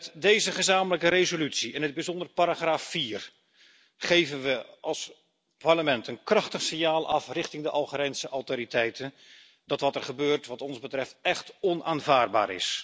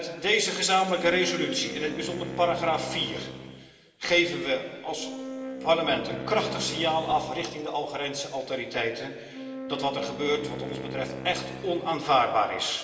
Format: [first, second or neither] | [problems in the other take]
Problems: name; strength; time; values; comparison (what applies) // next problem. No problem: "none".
first | background sound (Wind instrument, woodwind instrument); 11 dB below the speech // room echo; dies away in 2.4 s